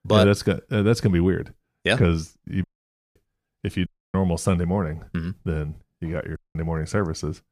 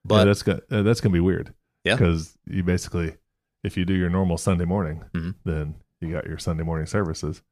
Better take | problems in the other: second | audio cutting out; at 2.5 s for 0.5 s, at 4 s and at 6.5 s

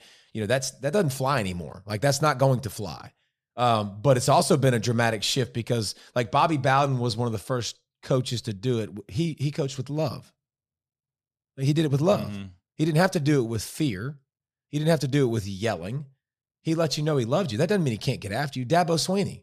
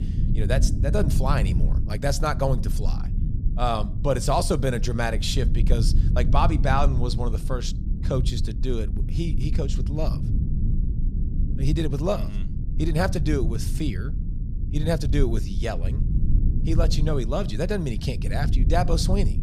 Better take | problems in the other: first | low rumble; noticeable; throughout; 10 dB below the speech

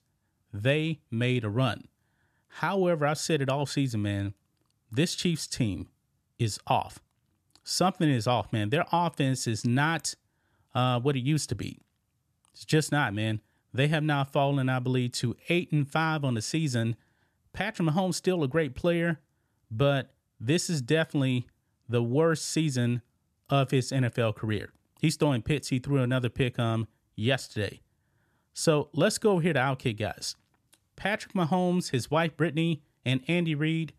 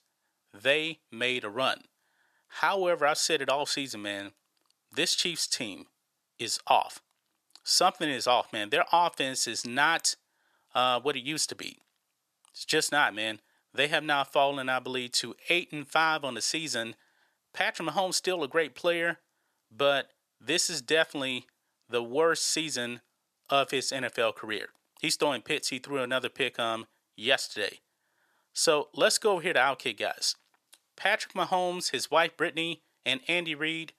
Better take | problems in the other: first | thin; very; fading below 550 Hz

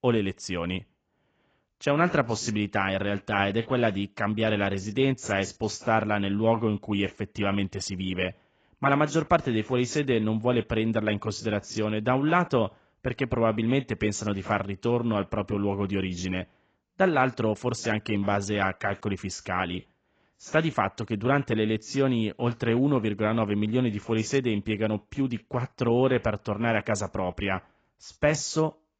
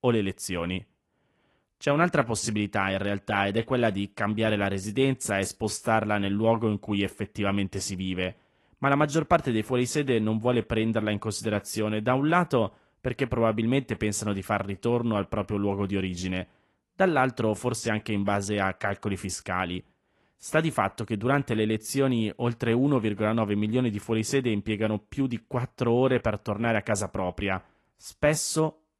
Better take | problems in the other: second | garbled, watery; badly; nothing above 7.5 kHz; slightly in the second

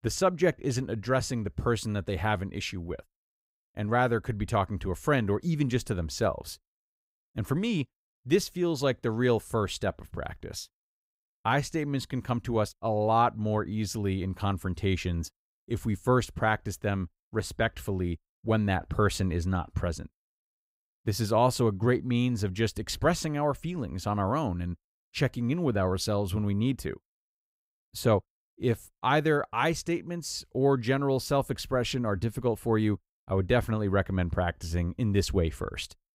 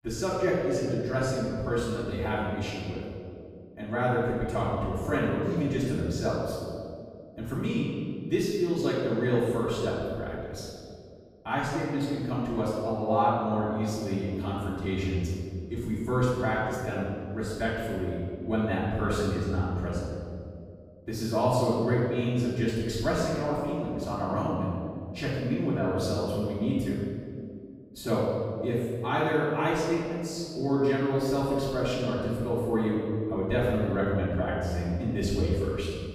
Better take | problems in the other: first | off-mic speech; far // room echo; strong; dies away in 2.2 s

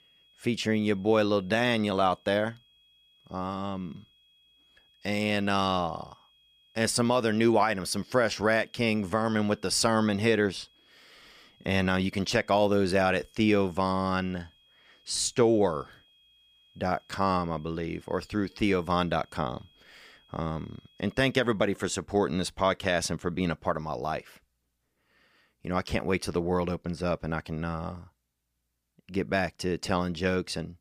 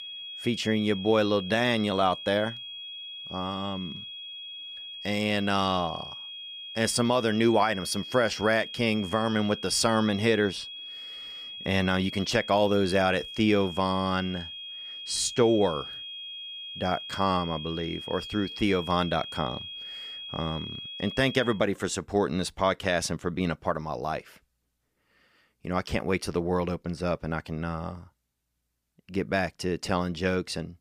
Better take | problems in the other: first | high-pitched whine; loud; until 22 s; 3.5 kHz, 10 dB below the speech; faint in the first

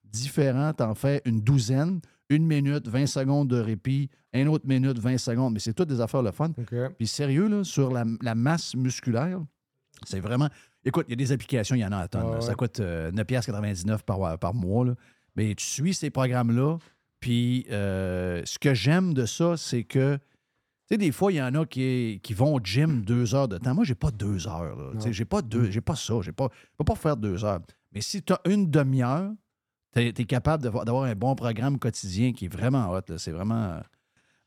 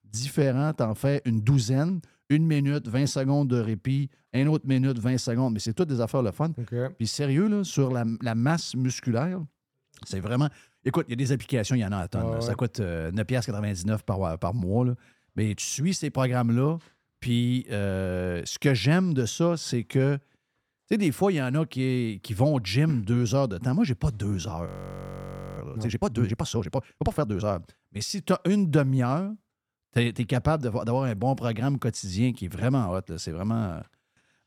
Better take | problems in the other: first | audio freezing; at 25 s for 1 s

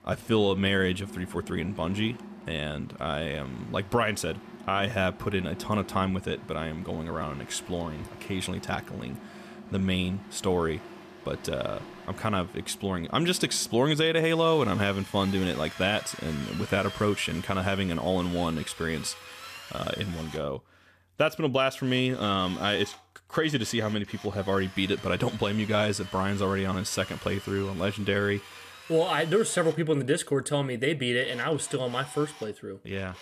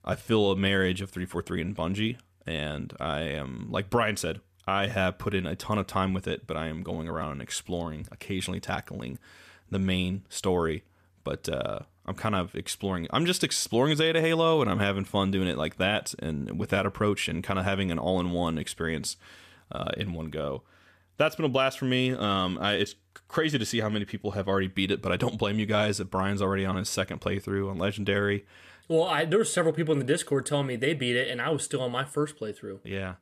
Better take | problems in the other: second | machinery noise; noticeable; throughout; 15 dB below the speech

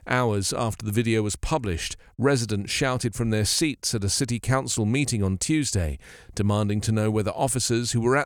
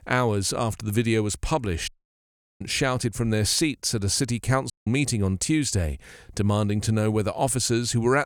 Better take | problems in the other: first | audio cutting out; at 2 s for 0.5 s and at 4.5 s

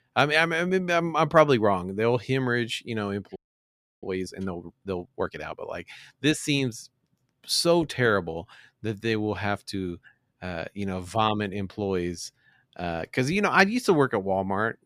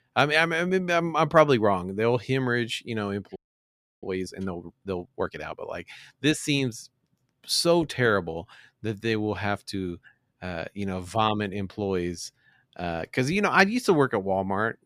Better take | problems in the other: neither | audio freezing; at 3.5 s for 0.5 s; the same in both

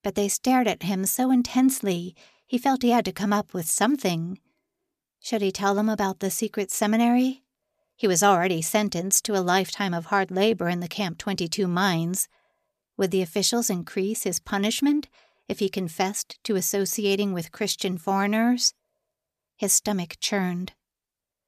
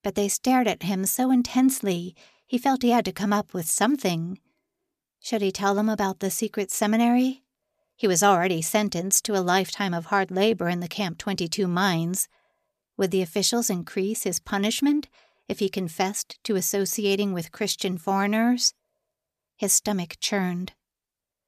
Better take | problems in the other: neither | none

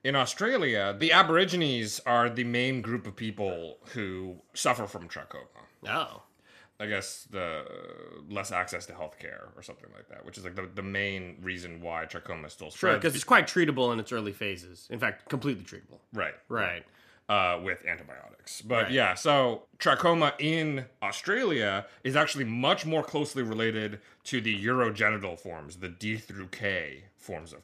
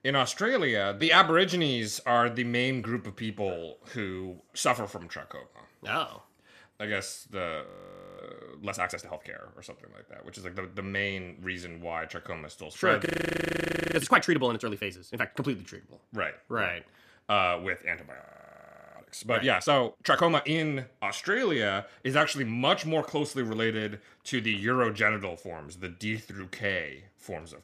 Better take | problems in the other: first | audio freezing; at 7.5 s for 0.5 s, at 13 s for 1 s and at 18 s for 0.5 s

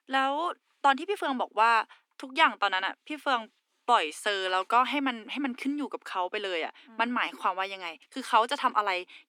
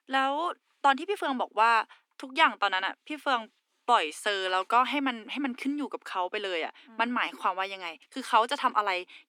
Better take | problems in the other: neither | thin; somewhat; fading below 250 Hz; the same in both

